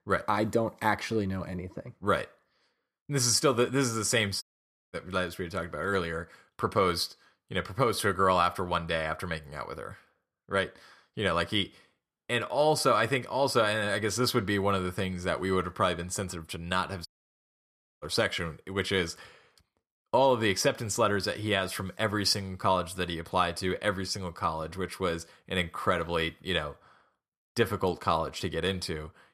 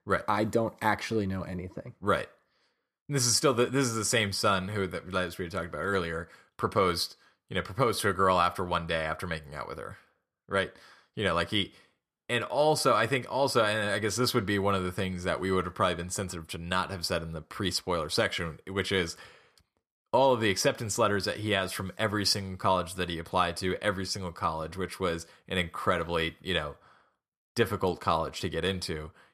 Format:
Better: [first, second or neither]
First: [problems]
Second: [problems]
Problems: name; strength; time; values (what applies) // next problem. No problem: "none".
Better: second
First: audio cutting out; at 4.5 s for 0.5 s and at 17 s for 1 s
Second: none